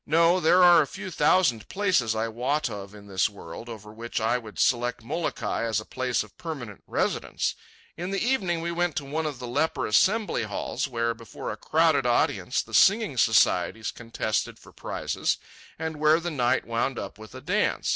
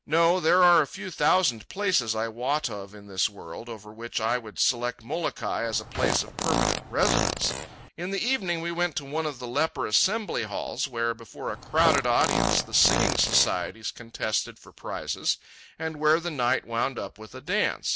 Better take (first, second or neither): first